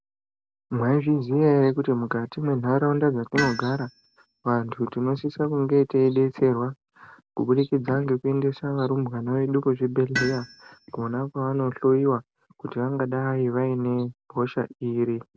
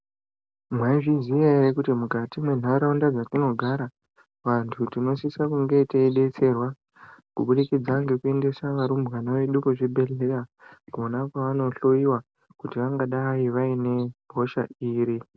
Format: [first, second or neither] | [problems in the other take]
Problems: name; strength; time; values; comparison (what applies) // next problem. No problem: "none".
second | background sound (Tools); 13 dB below the speech